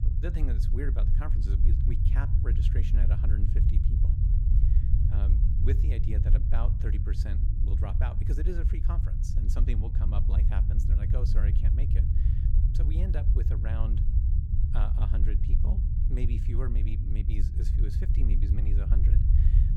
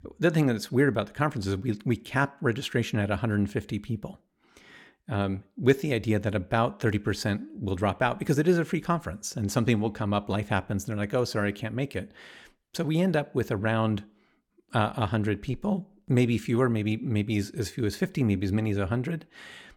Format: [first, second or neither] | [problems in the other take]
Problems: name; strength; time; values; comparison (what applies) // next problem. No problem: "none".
second | low rumble; loud; throughout; as loud as the speech